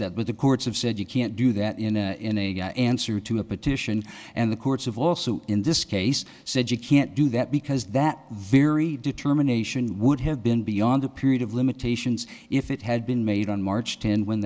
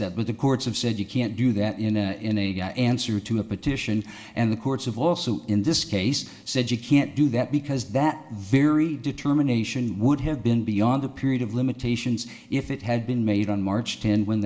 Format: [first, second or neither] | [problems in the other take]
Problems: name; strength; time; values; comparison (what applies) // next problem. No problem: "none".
first | room echo; dies away in 0.7 s